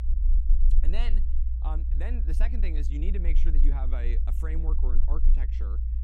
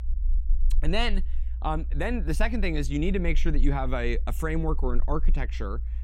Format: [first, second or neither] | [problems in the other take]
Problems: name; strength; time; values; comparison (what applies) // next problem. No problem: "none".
second | low rumble; loud; throughout; 7 dB below the speech; faint in the second